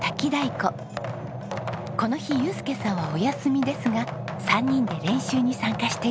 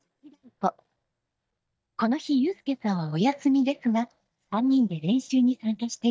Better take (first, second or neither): first